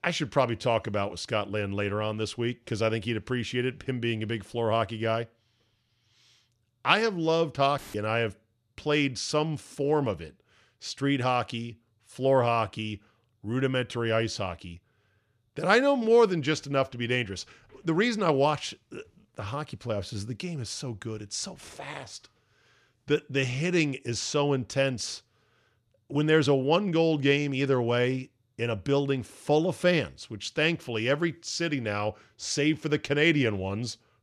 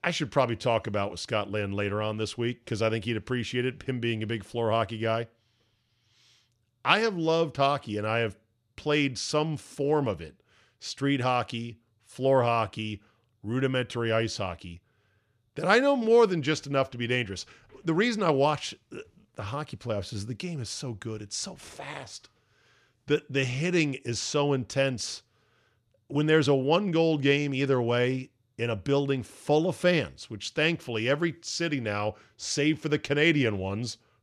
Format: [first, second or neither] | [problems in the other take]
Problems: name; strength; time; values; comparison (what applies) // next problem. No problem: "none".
second | audio cutting out; filled with static; at 8 s